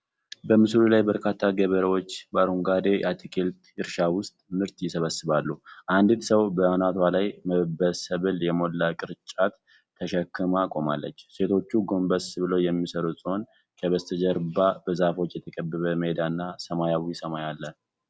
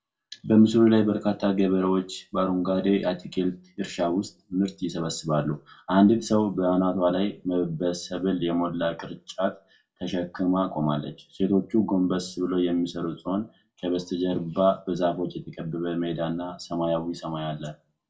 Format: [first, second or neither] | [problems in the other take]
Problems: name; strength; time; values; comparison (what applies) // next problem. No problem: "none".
first | room echo; dies away in 0.2 s